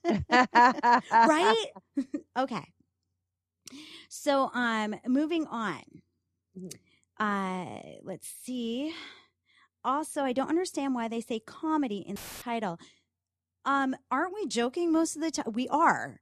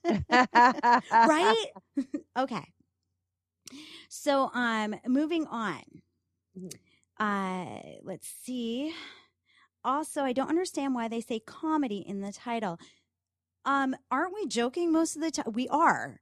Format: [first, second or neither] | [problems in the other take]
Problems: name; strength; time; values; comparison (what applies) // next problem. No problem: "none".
second | audio cutting out; filled with static; at 12 s